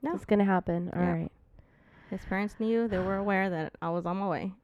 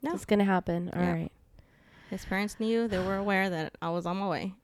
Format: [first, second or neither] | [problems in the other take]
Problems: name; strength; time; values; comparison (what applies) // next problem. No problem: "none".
second | muffled; slightly; fading above 3 kHz